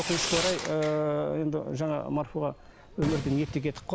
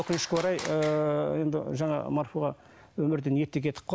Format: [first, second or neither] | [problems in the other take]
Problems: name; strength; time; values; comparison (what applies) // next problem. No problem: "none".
second | background sound (Fireworks); 8 dB below the speech